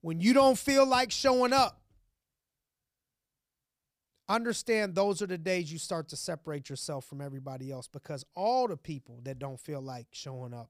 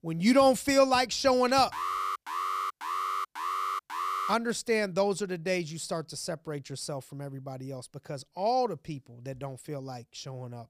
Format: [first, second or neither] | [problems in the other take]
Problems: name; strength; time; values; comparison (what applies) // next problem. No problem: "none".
first | alarm; noticeable; from 1.5 to 4.5 s; peak 3 dB below the speech